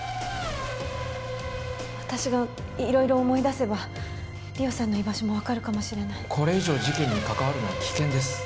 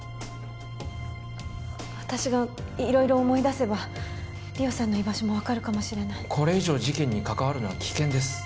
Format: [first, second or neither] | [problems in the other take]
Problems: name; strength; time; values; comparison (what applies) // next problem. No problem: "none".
second | background sound (Race car, auto racing / Accelerating, revving, vroom); 9 dB below the speech